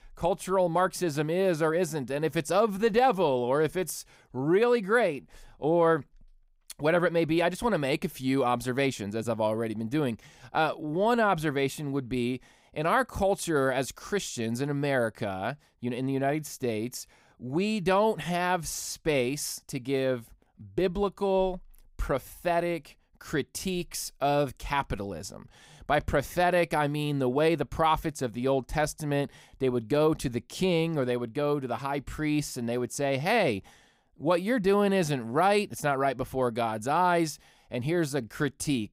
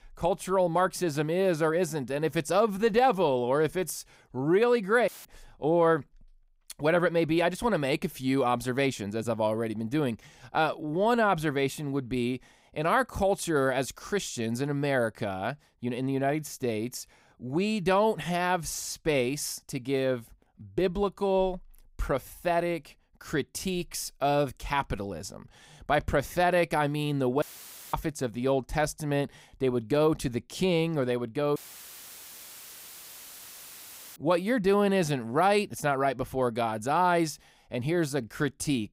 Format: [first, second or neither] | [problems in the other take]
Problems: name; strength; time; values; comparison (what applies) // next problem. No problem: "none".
first | audio cutting out; filled with static; at 5 s, at 27 s for 0.5 s and at 32 s for 2.5 s